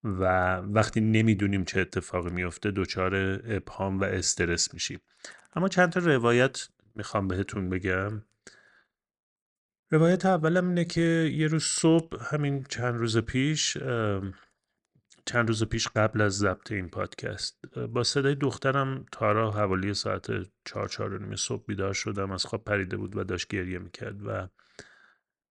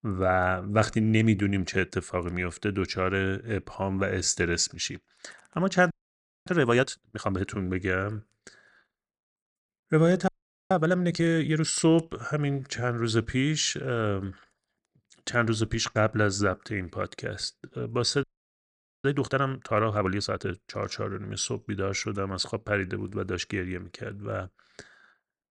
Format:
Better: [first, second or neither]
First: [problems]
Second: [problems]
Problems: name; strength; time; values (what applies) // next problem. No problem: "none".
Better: first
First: none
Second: audio freezing; at 6 s for 0.5 s, at 10 s and at 18 s for 1 s